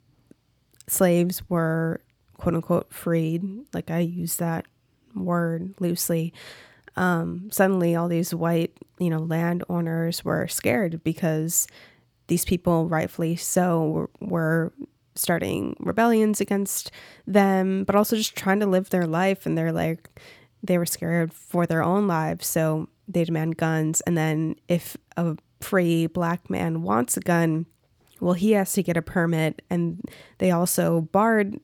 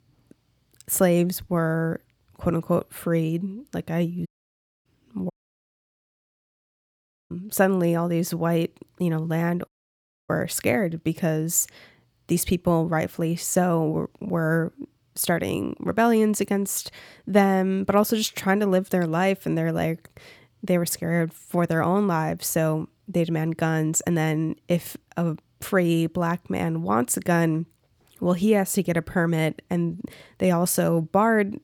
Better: first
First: none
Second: audio cutting out; at 4.5 s for 0.5 s, at 5.5 s for 2 s and at 9.5 s for 0.5 s

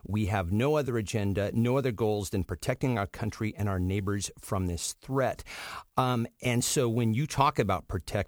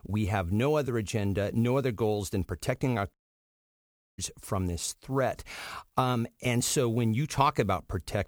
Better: first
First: none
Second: audio cutting out; at 3 s for 1 s

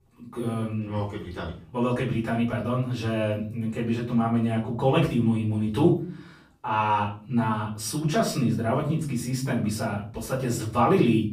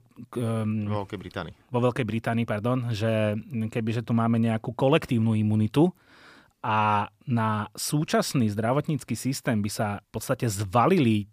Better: second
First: room echo; slight; dies away in 0.4 s // off-mic speech; far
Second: none

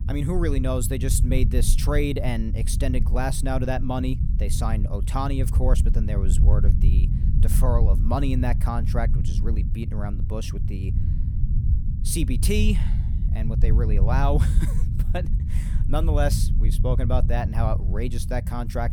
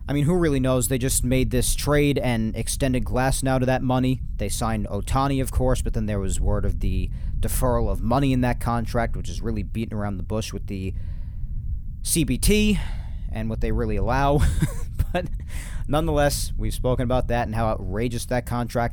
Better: second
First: low rumble; loud; throughout; 10 dB below the speech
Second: low rumble; faint; throughout; 25 dB below the speech

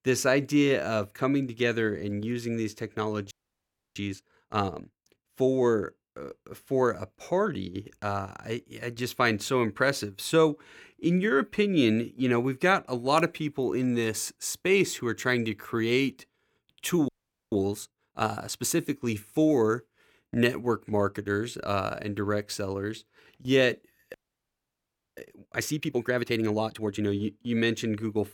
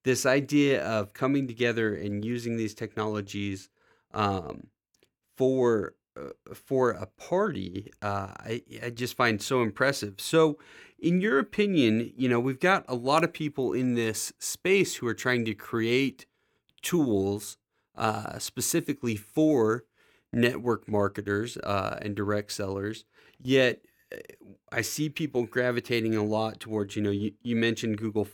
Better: second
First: audio freezing; at 3.5 s for 0.5 s, at 17 s and at 24 s for 1 s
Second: none

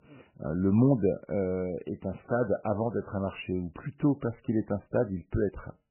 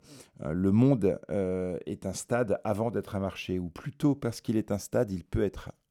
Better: second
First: garbled, watery; badly; nothing above 3 kHz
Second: none

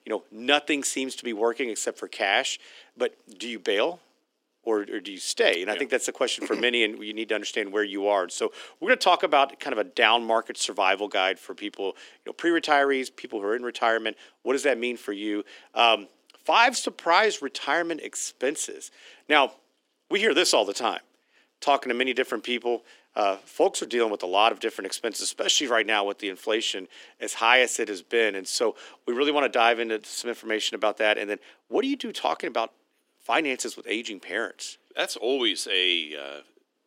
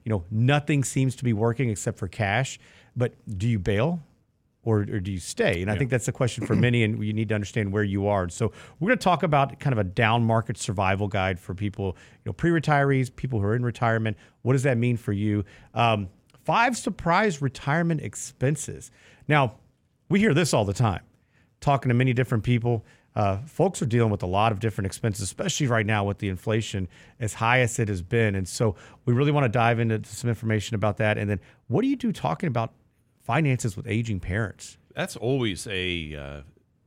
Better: second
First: thin; very; fading below 300 Hz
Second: none

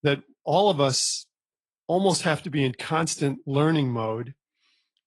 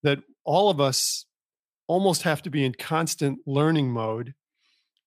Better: second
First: garbled, watery; slightly; nothing above 11 kHz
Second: none

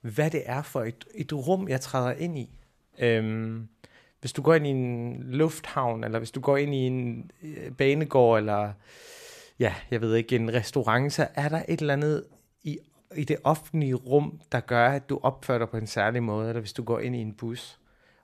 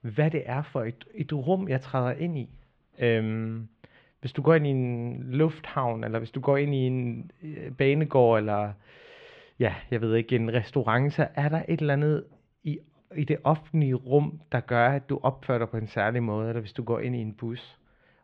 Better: first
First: none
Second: muffled; slightly; fading above 3 kHz

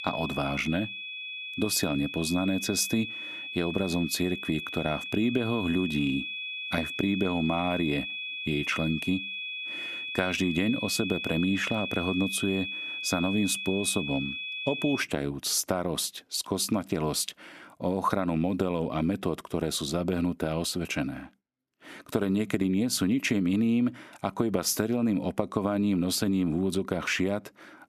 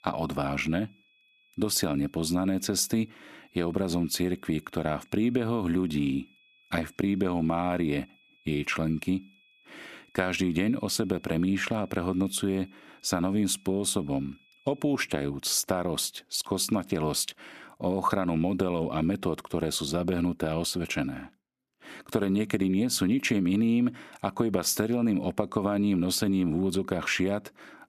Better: second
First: high-pitched whine; loud; until 15 s; 2.5 kHz, 5 dB below the speech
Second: high-pitched whine; faint; until 15 s; 2.5 kHz, 30 dB below the speech

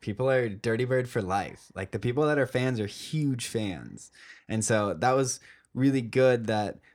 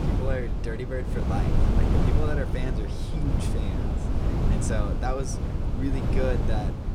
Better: first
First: none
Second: wind noise on the microphone; heavy; 1 dB below the speech

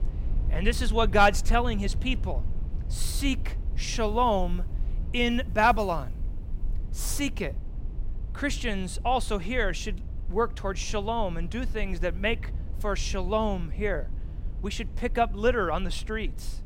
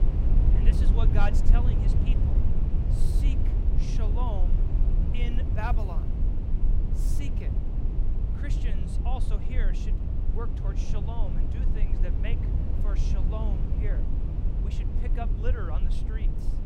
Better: first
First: low rumble; faint; throughout; 25 dB below the speech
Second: low rumble; loud; throughout; 2 dB below the speech

